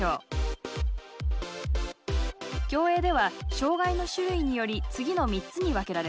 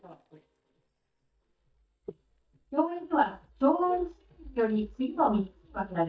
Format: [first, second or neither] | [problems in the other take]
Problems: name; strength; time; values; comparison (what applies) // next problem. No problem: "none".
first | noise reduction (neural mask model DeepFilterNet 3)